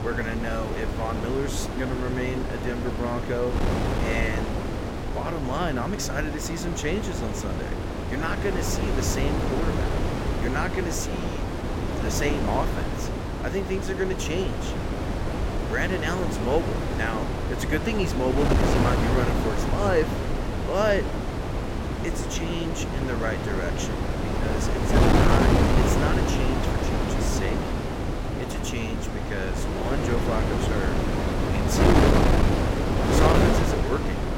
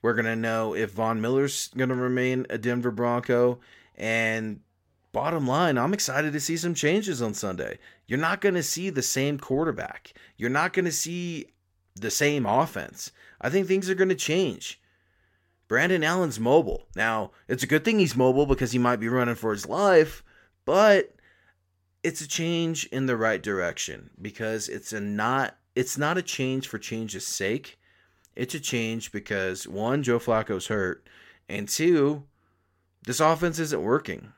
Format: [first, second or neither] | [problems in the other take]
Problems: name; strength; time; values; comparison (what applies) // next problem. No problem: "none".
second | wind noise on the microphone; heavy; 1 dB above the speech